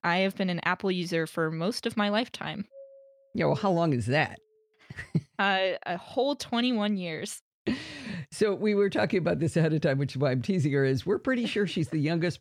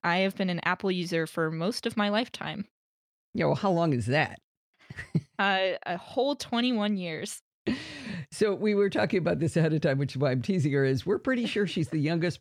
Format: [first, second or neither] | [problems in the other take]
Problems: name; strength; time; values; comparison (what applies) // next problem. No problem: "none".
second | doorbell; faint; from 2.5 to 4 s; peak 15 dB below the speech